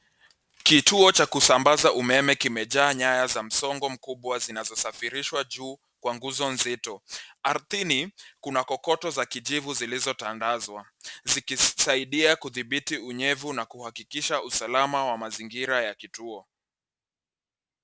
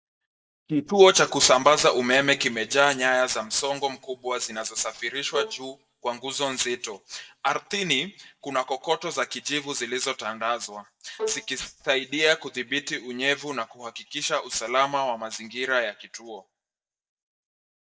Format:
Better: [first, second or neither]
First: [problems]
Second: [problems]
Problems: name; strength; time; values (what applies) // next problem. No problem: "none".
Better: first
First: none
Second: noise reduction (neural mask model DeepFilterNet 3)